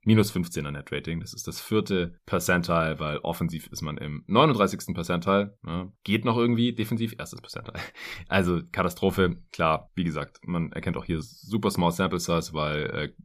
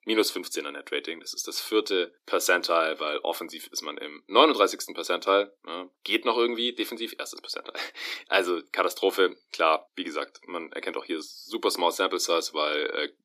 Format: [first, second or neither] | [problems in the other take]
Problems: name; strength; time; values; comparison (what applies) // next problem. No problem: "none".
first | thin; very; fading below 300 Hz